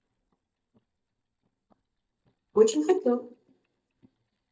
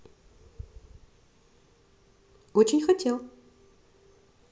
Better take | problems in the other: second | noise reduction (neural mask model DeepFilterNet 3)

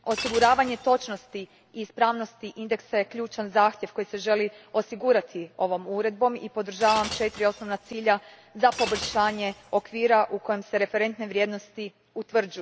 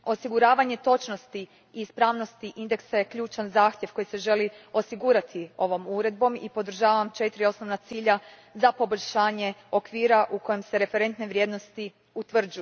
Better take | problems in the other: second | background sound (Shatter); 12 dB below the speech

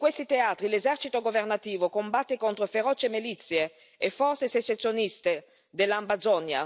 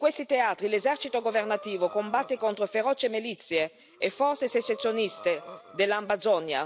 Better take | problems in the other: first | background sound (Breathing); 19 dB below the speech

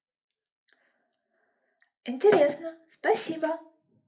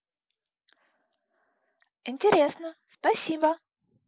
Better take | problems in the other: second | room echo; dies away in 0.3 s

